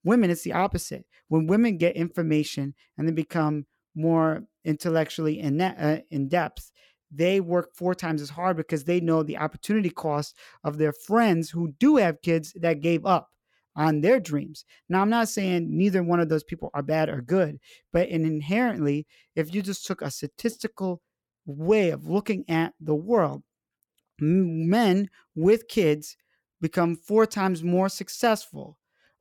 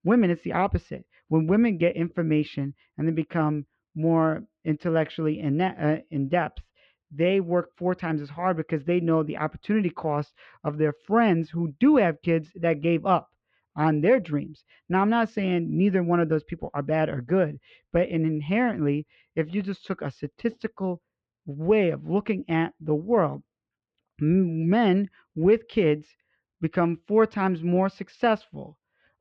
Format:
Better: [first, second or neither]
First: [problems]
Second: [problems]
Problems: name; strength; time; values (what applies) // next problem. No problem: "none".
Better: first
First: none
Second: muffled; very; fading above 3 kHz